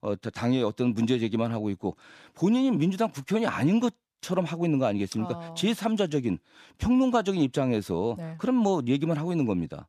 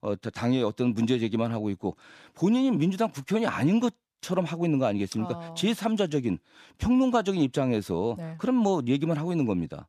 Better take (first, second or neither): neither